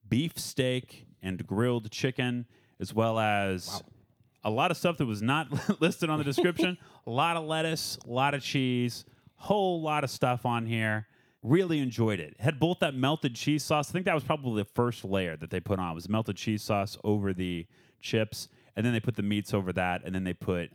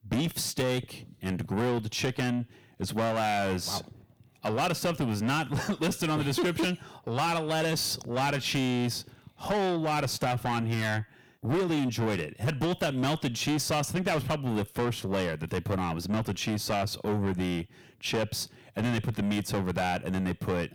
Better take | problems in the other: first | distortion; heavy; 6 dB below the speech

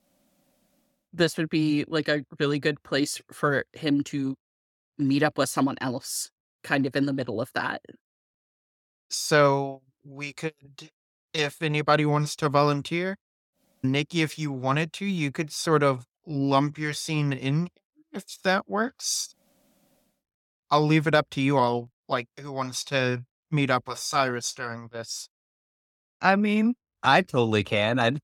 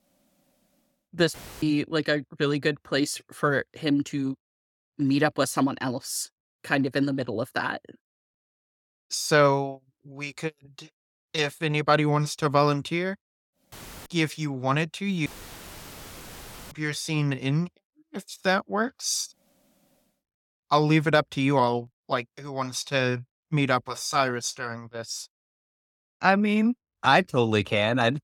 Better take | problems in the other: first | audio cutting out; filled with static; at 1.5 s, at 14 s and at 15 s for 1.5 s

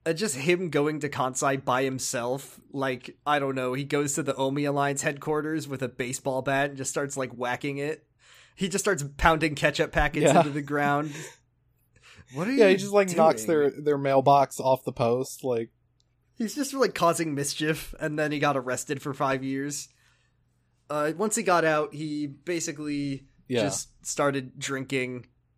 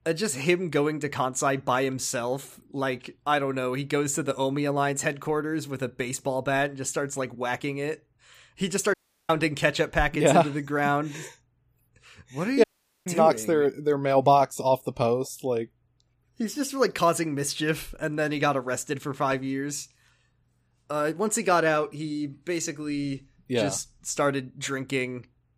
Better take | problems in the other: first | audio cutting out; at 9 s and at 13 s

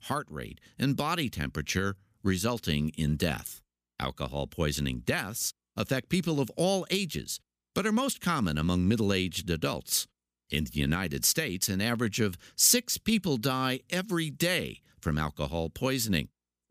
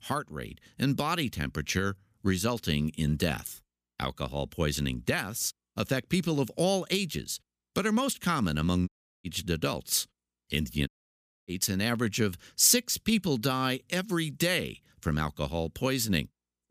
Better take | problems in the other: first | audio cutting out; at 9 s and at 11 s for 0.5 s

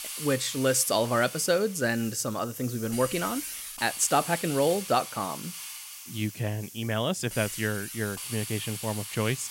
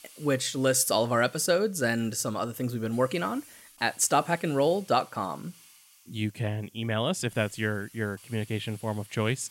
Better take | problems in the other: second | hiss; loud; throughout; 9 dB below the speech; faint in the second

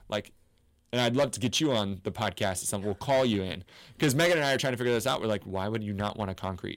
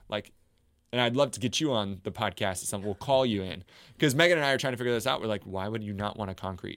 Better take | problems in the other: second | distortion; slight; 5% of the sound clipped

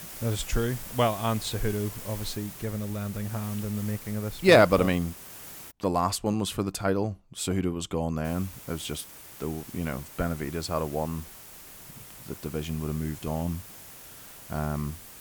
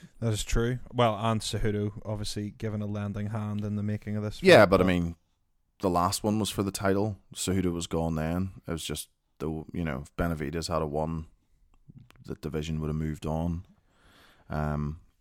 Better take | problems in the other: second | hiss; noticeable; until 5.5 s and from 8.5 s on; 15 dB below the speech

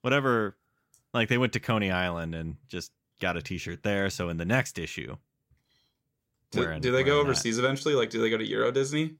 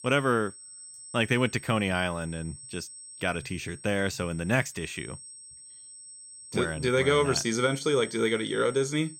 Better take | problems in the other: first | high-pitched whine; noticeable; throughout; 8 kHz, 15 dB below the speech

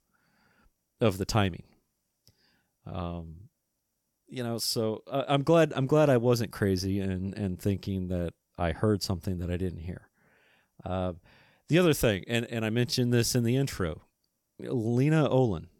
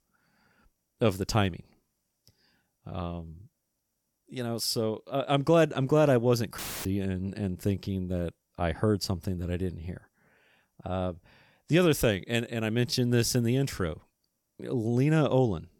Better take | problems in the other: first | audio cutting out; filled with static; at 6.5 s

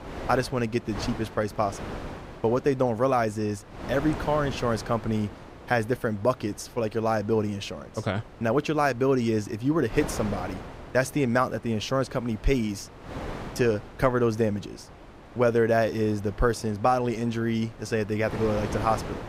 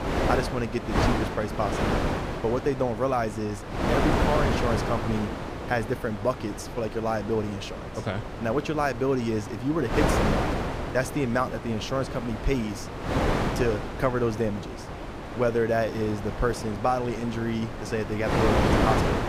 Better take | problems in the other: first | wind noise on the microphone; heavy; 2 dB below the speech; occasional gusts in the first

